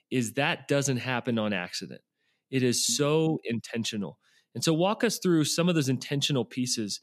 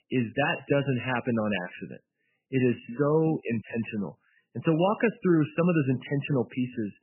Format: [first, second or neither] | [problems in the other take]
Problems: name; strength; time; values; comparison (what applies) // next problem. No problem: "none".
first | garbled, watery; badly; nothing above 3 kHz